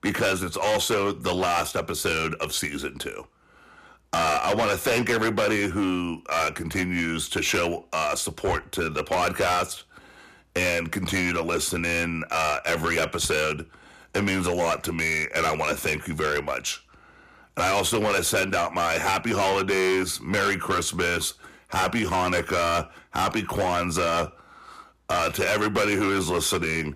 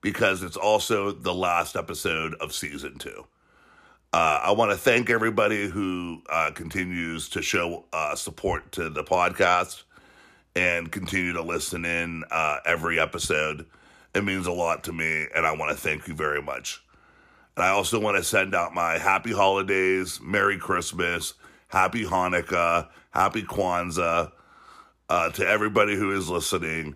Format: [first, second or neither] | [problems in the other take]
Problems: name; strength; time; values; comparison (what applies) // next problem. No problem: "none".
second | distortion; heavy; 14% of the sound clipped